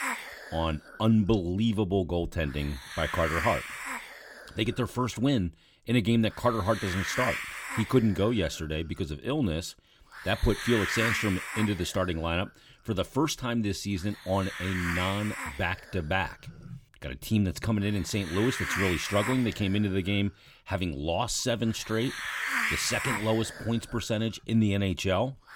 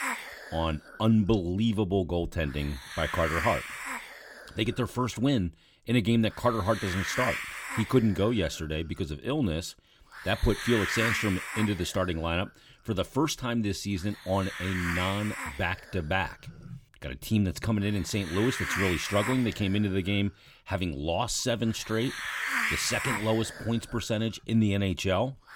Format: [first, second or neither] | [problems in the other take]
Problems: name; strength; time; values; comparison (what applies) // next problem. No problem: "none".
neither | hiss; loud; throughout; 5 dB below the speech; the same in both